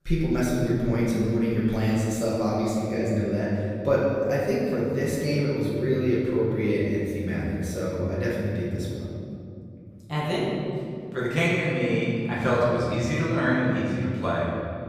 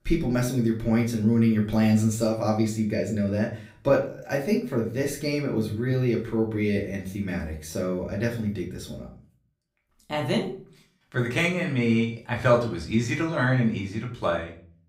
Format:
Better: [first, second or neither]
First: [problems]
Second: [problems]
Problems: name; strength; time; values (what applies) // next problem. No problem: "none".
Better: second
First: room echo; strong; dies away in 2.9 s // off-mic speech; far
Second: room echo; slight; dies away in 0.4 s // off-mic speech; far